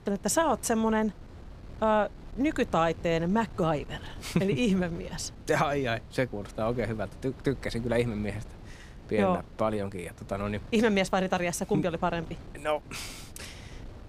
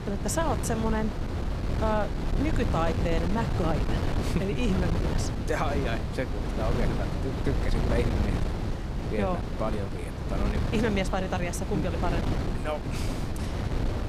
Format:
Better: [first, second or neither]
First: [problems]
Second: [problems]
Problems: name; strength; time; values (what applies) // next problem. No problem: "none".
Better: first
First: wind noise on the microphone; occasional gusts; 25 dB below the speech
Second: wind noise on the microphone; heavy; 4 dB below the speech